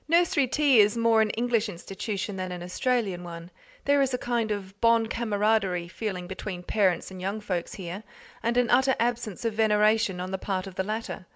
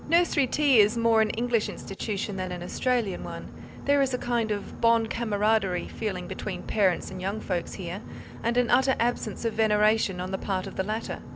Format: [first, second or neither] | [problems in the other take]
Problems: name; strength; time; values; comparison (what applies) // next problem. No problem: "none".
first | background sound (Boat, Water vehicle); 12 dB below the speech